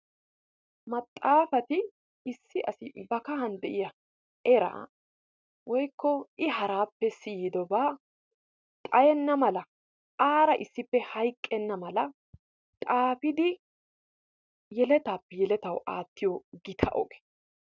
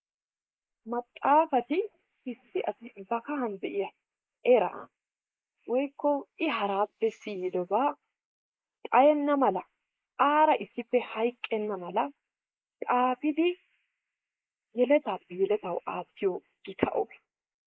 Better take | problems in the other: first | noise reduction (neural mask model Resemble Enhance denoiser)

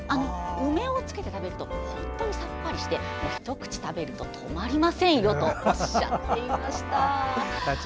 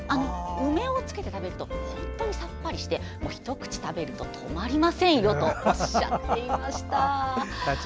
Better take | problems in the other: second | background sound (Keyboard (musical)); 11 dB below the speech

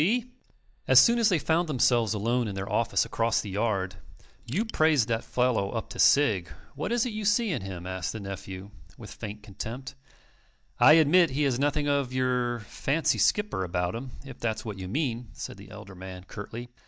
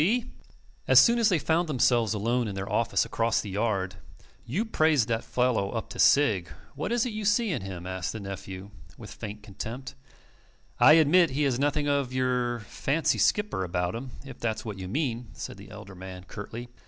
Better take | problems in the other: second | noise reduction (neural mask model DeepFilterNet 3)

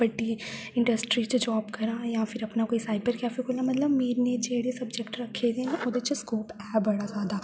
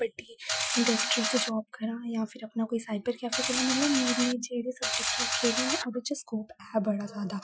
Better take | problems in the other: first | noise reduction (classical method Wiener filter)

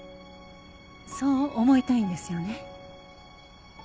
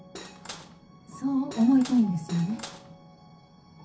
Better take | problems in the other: first | background sound (Cutlery, silverware / Dishes, pots, and pans); 16 dB below the speech // room echo; dies away in 0.3 s

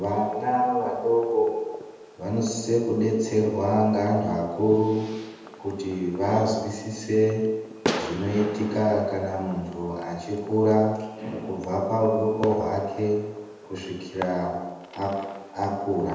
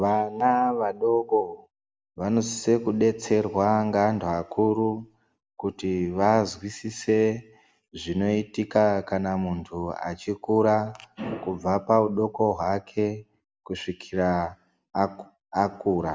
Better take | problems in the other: second | background sound (Fireworks); 15 dB below the speech // room echo; dies away in 1 s

